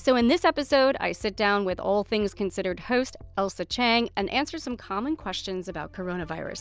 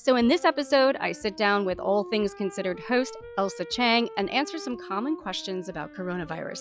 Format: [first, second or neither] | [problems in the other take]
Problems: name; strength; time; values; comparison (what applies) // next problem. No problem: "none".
first | noise reduction (classical method log-MMSE)